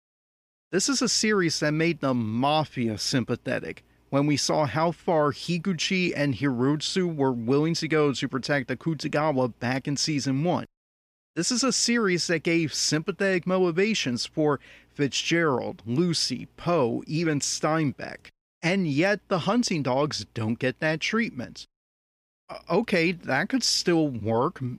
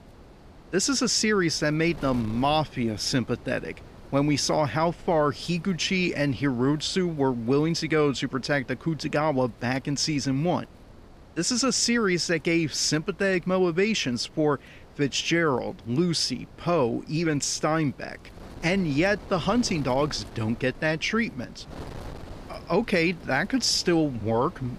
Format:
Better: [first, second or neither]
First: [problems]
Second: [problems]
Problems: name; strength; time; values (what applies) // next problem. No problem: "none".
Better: first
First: none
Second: wind noise on the microphone; occasional gusts; 25 dB below the speech